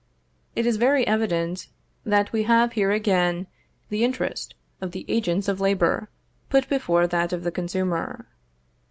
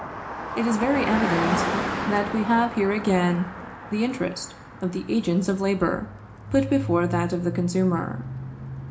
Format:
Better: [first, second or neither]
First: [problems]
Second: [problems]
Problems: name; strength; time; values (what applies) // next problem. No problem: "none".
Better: first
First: none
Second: background sound (Car passing by); 6 dB below the speech // room echo; dies away in 0.4 s